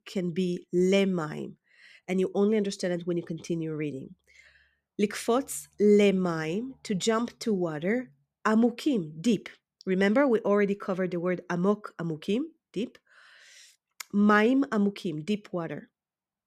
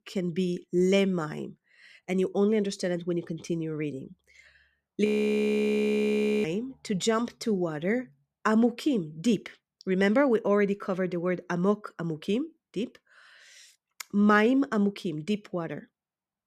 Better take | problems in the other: first | audio freezing; at 5 s for 1.5 s

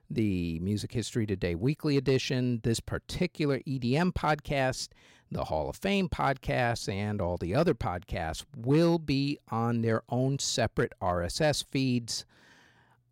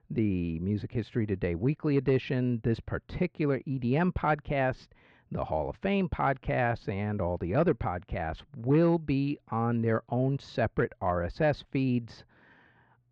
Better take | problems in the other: first | muffled; very; fading above 2.5 kHz

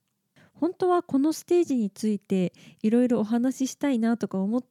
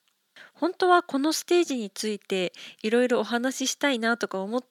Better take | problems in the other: first | thin; somewhat; fading below 450 Hz

